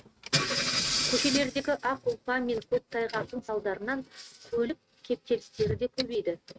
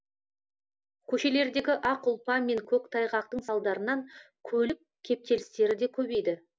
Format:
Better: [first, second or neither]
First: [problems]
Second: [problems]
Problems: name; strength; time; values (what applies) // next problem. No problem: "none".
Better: second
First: noise reduction (neural mask model RNNoise)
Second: none